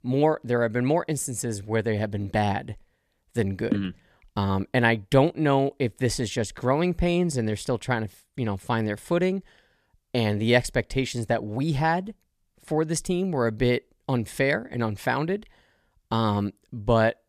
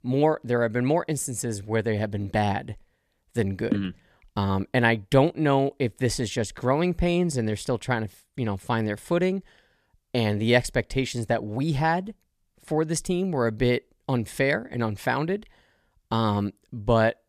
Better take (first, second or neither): neither